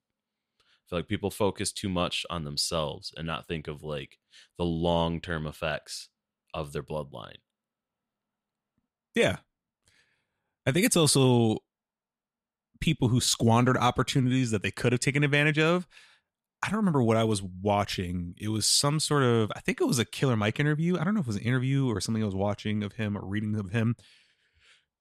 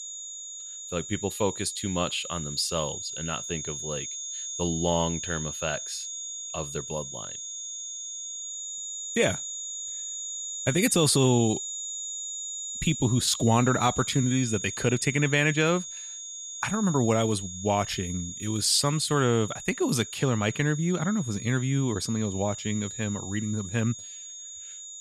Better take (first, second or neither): first